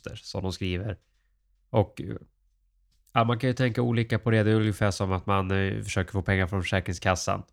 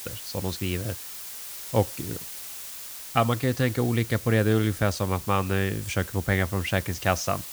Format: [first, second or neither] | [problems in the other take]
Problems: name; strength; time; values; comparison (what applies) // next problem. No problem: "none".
first | hiss; noticeable; throughout; 10 dB below the speech